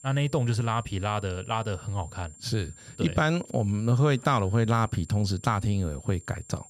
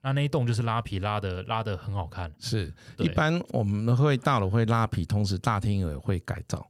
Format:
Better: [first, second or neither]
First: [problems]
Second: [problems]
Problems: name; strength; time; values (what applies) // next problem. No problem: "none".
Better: second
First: high-pitched whine; faint; throughout; 7.5 kHz, 20 dB below the speech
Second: none